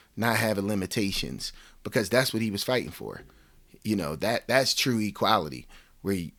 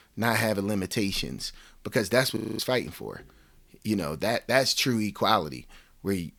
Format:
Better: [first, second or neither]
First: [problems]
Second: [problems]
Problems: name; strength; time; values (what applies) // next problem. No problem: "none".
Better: first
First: none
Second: audio freezing; at 2.5 s